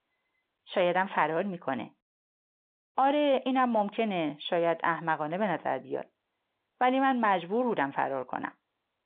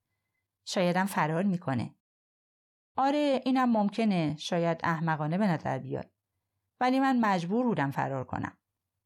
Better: second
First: phone-call audio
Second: none

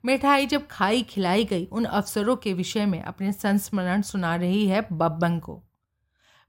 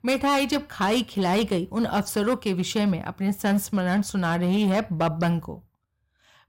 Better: first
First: none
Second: distortion; slight; 9% of the sound clipped

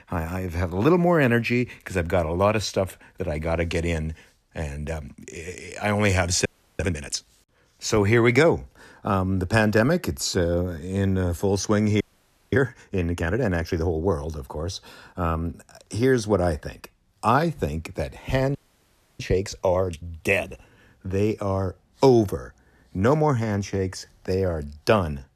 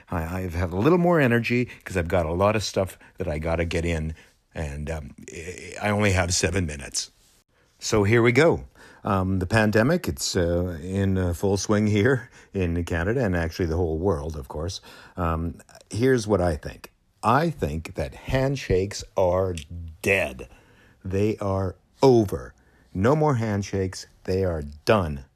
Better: second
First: audio freezing; at 6.5 s, at 12 s for 0.5 s and at 19 s for 0.5 s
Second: none

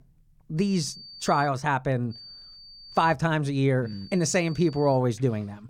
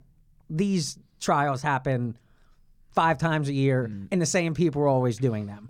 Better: second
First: high-pitched whine; noticeable; at 0.5 s, from 2 to 3 s and from 4 to 5 s; 4.5 kHz, 20 dB below the speech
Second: none

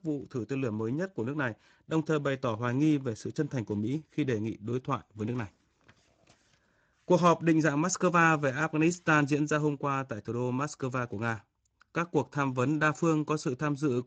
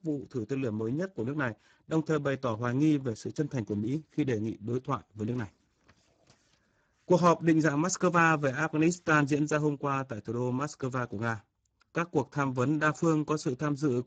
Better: first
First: garbled, watery; slightly; nothing above 7.5 kHz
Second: garbled, watery; badly; nothing above 7.5 kHz

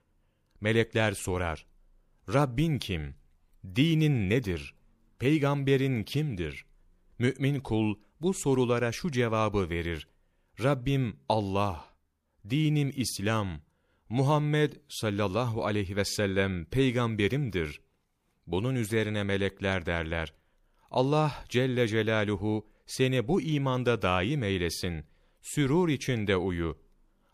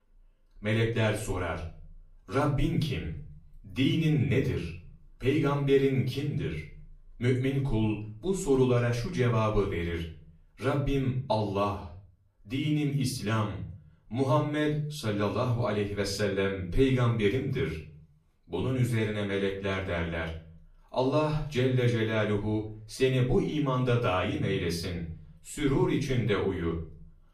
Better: first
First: none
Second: room echo; slight; dies away in 0.4 s // off-mic speech; far

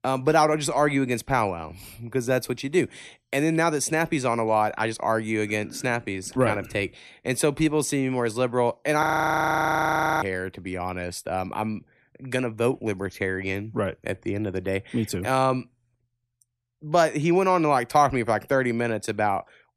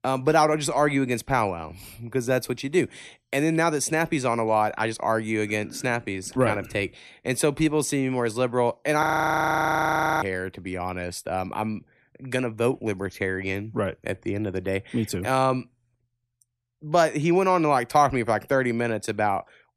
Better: neither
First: audio freezing; at 9 s for 1 s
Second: audio freezing; at 9 s for 1 s

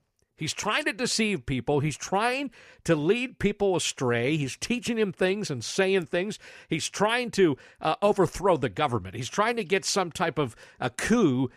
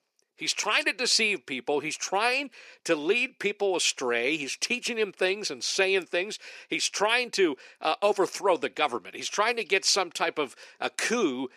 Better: first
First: none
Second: thin; somewhat; fading below 300 Hz

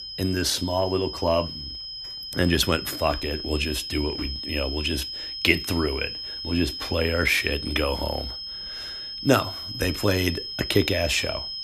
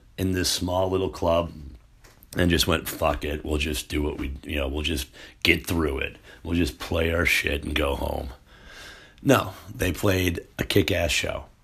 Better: second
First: high-pitched whine; loud; throughout; 5 kHz, 7 dB below the speech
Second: none

